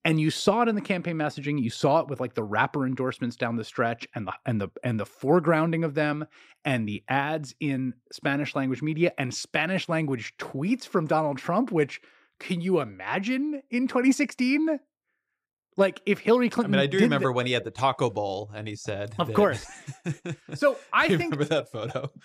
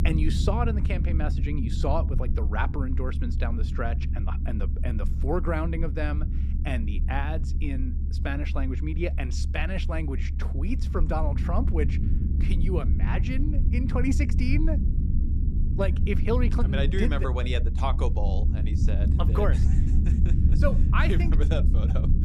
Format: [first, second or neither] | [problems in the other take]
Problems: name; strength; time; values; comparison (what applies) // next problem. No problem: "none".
first | low rumble; loud; throughout; 8 dB below the speech